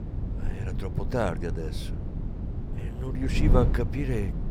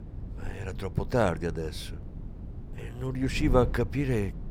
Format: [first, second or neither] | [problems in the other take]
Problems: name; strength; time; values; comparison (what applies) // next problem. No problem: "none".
second | wind noise on the microphone; heavy; 9 dB below the speech; occasional gusts in the second